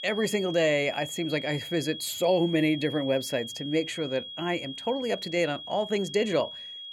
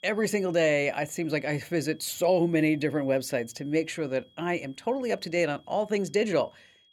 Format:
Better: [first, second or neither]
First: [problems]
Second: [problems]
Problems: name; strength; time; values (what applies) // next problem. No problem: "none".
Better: second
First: high-pitched whine; loud; throughout; 3.5 kHz, 9 dB below the speech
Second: high-pitched whine; faint; throughout; 3.5 kHz, 30 dB below the speech